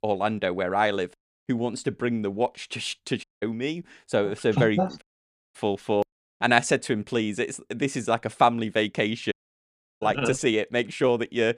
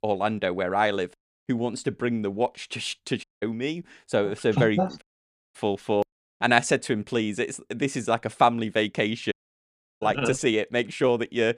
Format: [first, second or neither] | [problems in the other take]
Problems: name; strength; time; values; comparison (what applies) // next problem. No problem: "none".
neither | audio cutting out; at 3 s, at 5 s for 0.5 s and at 9.5 s for 0.5 s; the same in both